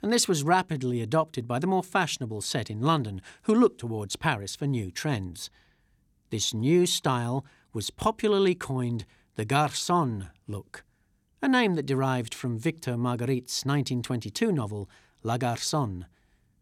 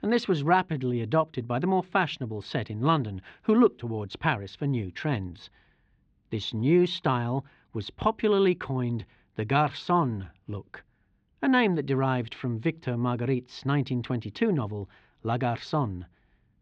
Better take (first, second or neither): first